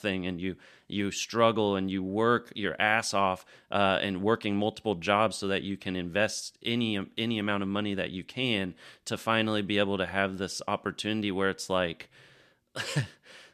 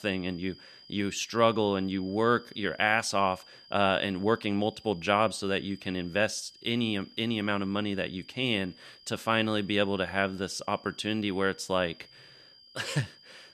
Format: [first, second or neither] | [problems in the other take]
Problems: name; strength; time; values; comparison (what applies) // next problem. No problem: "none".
first | high-pitched whine; faint; throughout; 5 kHz, 25 dB below the speech